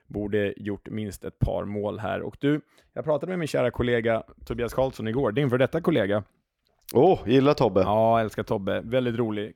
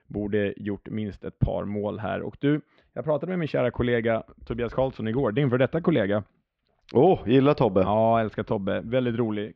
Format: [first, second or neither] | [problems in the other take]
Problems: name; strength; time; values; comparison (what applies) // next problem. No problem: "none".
first | muffled; slightly; fading above 4 kHz